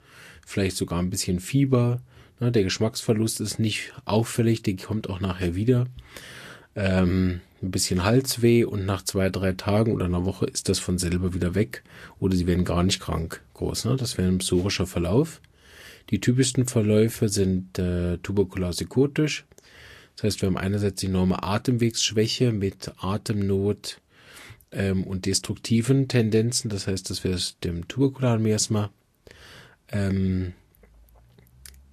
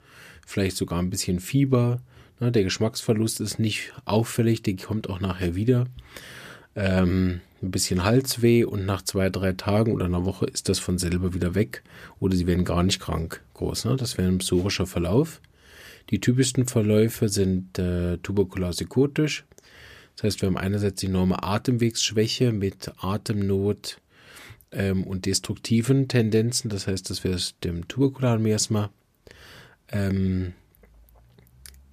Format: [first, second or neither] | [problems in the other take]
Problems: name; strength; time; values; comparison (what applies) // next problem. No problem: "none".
second | garbled, watery; slightly; nothing above 13 kHz